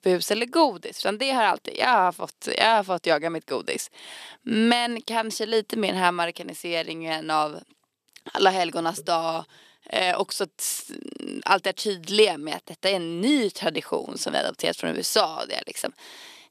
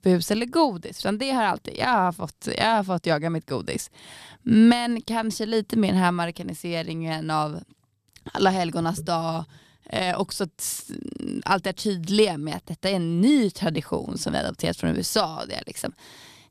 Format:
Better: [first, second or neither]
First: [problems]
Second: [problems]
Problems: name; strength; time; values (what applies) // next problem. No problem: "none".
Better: second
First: thin; somewhat; fading below 400 Hz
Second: none